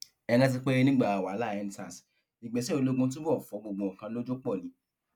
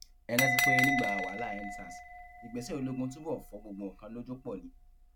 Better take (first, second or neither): first